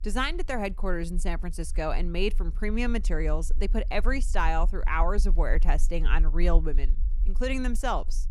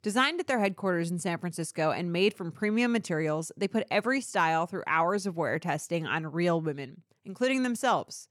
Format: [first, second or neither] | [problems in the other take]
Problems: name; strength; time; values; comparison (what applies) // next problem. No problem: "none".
second | low rumble; faint; throughout; 25 dB below the speech